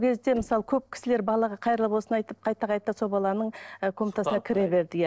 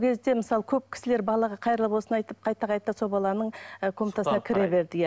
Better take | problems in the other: second | noise reduction (neural separator model SepFormer DNS4)

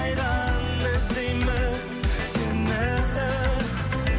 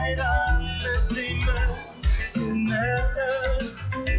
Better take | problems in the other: first | noise reduction (classical method log-MMSE)

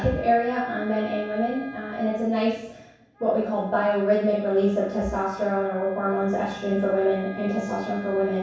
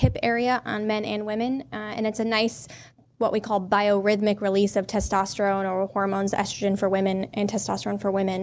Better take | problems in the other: second | background sound (Wind instrument, woodwind instrument); 20 dB below the speech // room echo; dies away in 0.7 s

